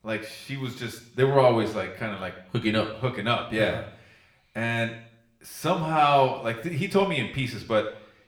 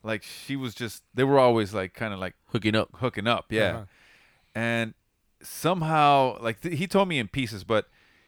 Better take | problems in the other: second | room echo; slight; dies away in 0.6 s

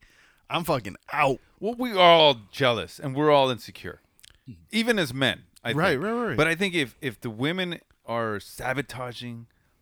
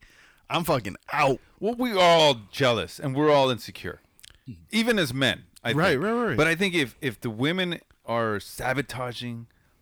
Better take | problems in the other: first | distortion; slight; 10 dB below the speech

